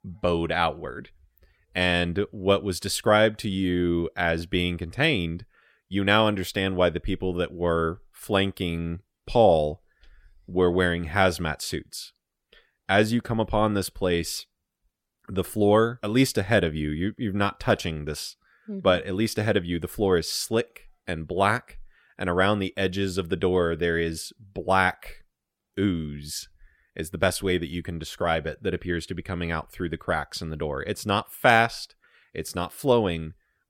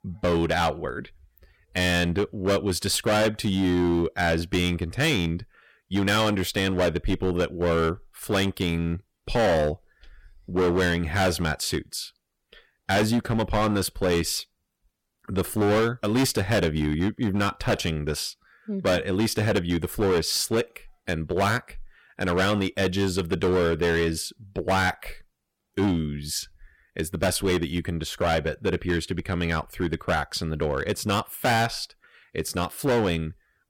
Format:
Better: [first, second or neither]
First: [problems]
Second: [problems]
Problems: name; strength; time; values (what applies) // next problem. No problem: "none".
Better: first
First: none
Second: distortion; heavy; 11% of the sound clipped